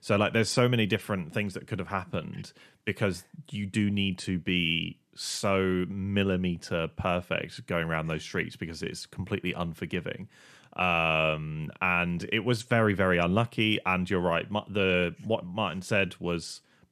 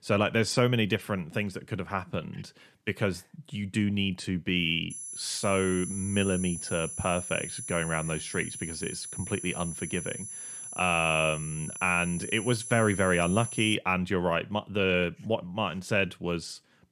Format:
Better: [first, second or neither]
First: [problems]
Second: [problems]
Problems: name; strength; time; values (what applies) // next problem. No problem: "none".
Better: first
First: none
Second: high-pitched whine; loud; from 5 to 14 s; 10.5 kHz, 8 dB below the speech